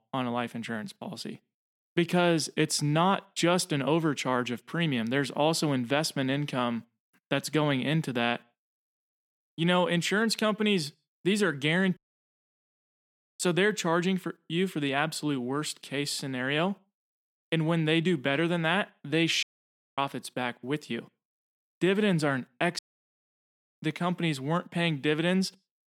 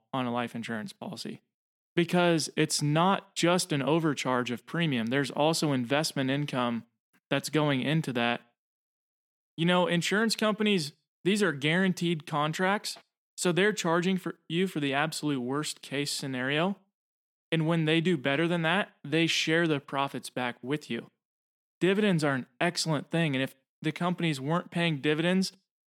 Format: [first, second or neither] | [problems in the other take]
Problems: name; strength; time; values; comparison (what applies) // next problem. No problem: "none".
second | audio cutting out; at 12 s for 1.5 s, at 19 s for 0.5 s and at 23 s for 1 s